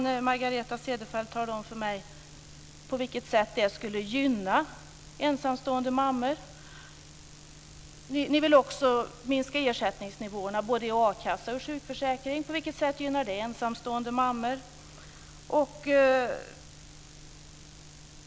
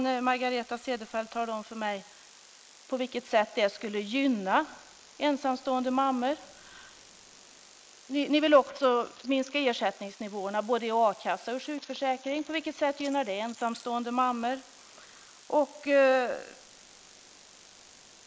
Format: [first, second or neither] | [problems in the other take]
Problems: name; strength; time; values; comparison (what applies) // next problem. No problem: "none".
first | noise reduction (neural mask model Resemble Enhance denoiser)